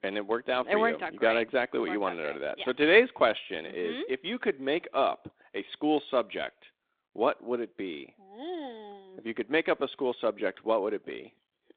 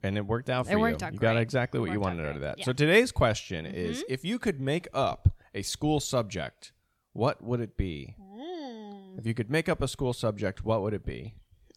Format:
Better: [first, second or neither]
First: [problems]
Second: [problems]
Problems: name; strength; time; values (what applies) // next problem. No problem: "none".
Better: second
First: phone-call audio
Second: none